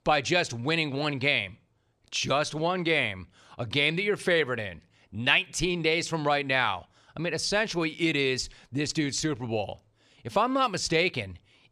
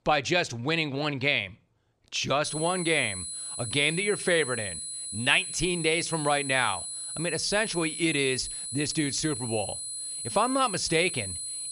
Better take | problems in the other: first | high-pitched whine; loud; from 2.5 s on; 10 kHz, 6 dB below the speech

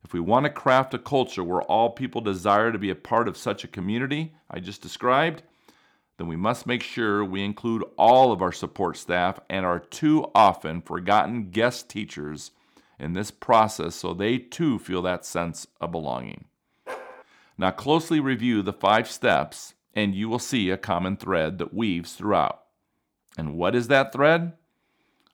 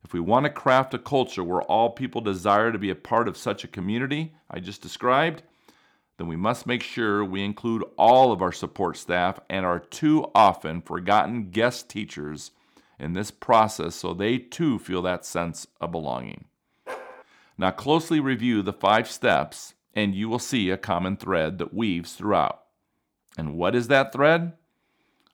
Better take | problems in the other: neither | dog barking; faint; at 17 s; peak 15 dB below the speech; the same in both

